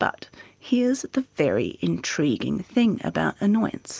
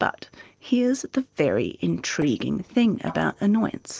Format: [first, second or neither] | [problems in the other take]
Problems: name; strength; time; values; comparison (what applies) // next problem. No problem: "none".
first | noise reduction (neural separator model SepFormer DNS4)